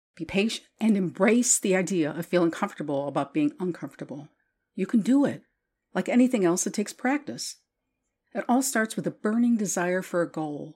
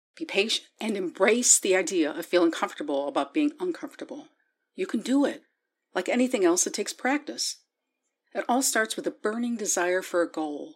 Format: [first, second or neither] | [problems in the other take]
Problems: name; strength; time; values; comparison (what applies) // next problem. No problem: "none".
first | thin; very slightly; fading below 300 Hz